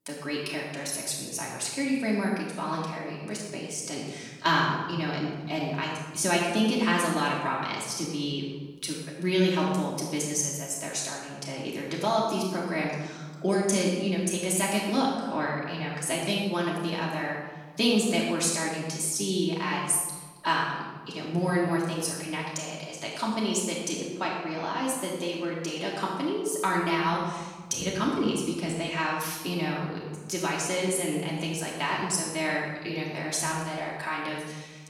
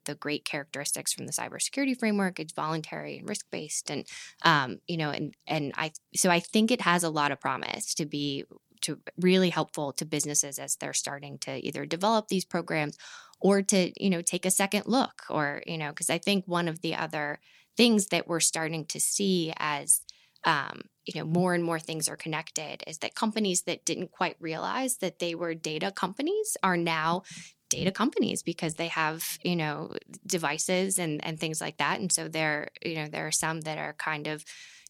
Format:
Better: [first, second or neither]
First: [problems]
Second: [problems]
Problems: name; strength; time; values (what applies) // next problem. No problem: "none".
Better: second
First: off-mic speech; far // room echo; noticeable; dies away in 1.2 s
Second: none